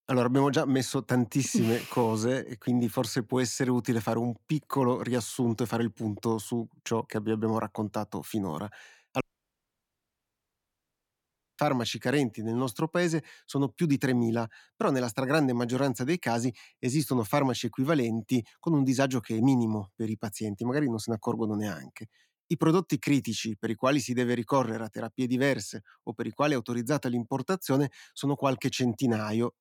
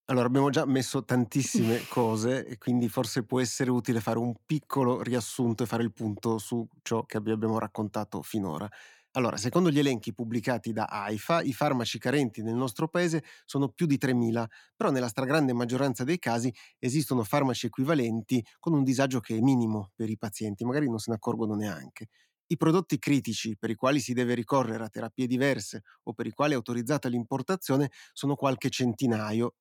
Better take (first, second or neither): second